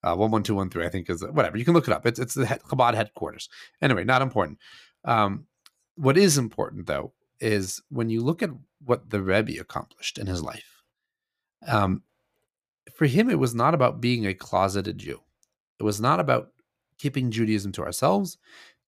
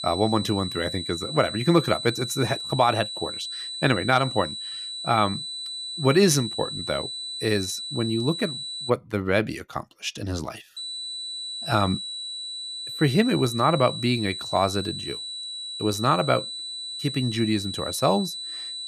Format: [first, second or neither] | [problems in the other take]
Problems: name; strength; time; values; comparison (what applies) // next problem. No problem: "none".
first | high-pitched whine; loud; until 9 s and from 11 s on; 4 kHz, 6 dB below the speech